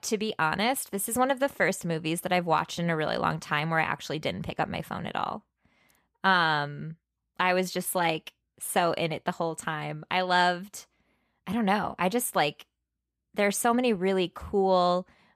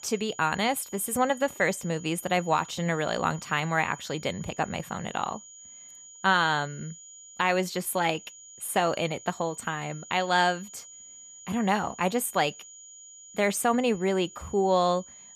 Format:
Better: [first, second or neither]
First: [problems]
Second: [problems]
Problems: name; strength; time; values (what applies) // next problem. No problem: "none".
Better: first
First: none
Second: high-pitched whine; noticeable; throughout; 7 kHz, 20 dB below the speech